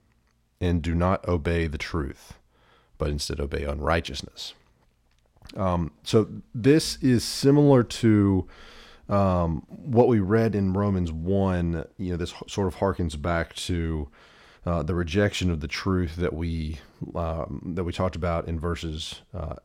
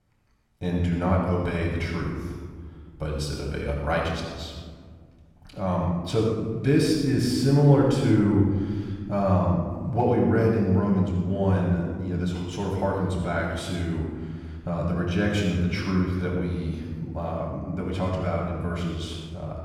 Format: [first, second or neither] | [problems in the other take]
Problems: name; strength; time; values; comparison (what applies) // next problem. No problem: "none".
first | off-mic speech; far // room echo; noticeable; dies away in 1.4 s